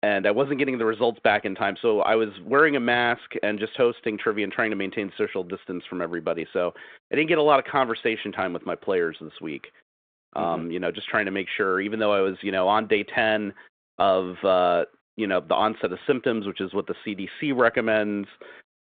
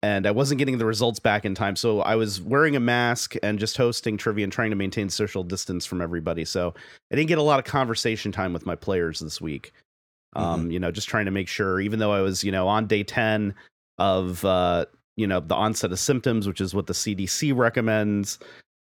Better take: second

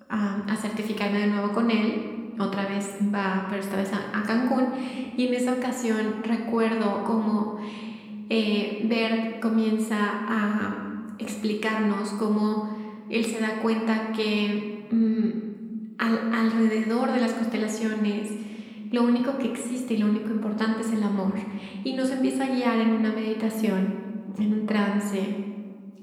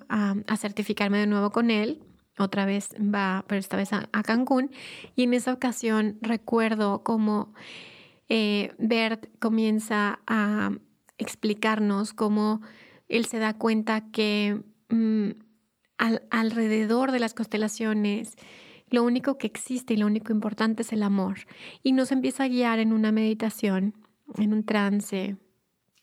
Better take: second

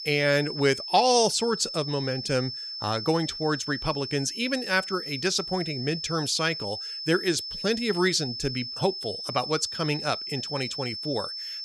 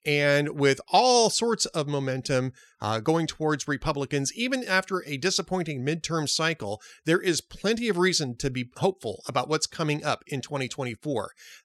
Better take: second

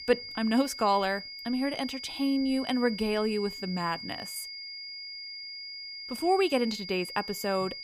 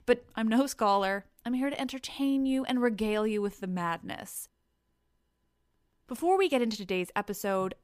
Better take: second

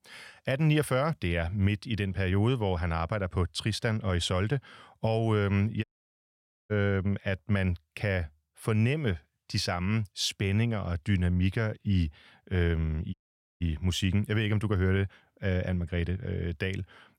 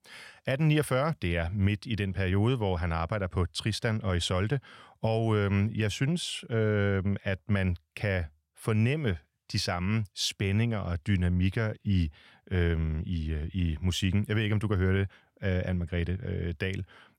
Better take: second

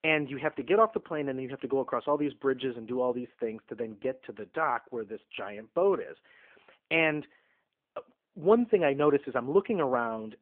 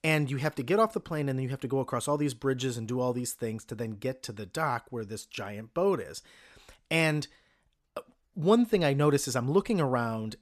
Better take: second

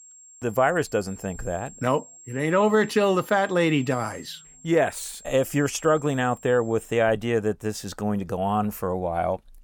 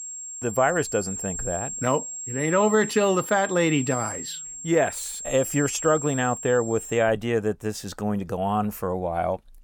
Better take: first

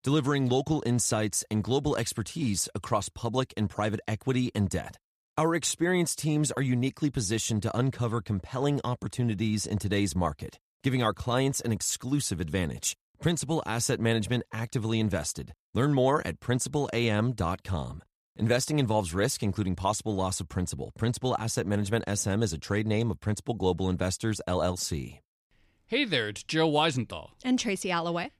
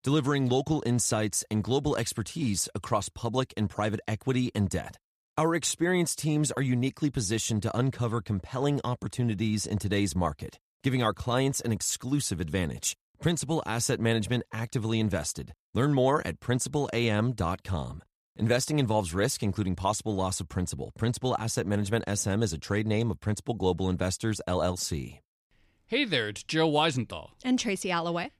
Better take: neither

